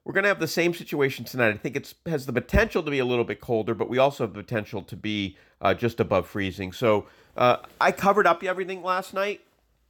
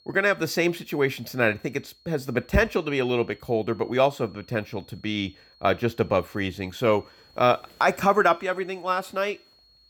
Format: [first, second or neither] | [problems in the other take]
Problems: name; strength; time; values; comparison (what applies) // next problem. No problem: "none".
first | high-pitched whine; faint; throughout; 4.5 kHz, 30 dB below the speech